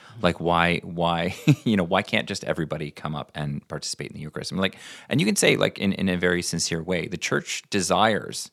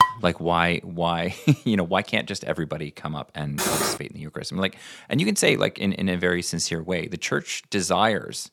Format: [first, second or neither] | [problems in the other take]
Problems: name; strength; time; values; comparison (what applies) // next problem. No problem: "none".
first | clattering dishes; loud; at the start and at 3.5 s; peak 4 dB above the speech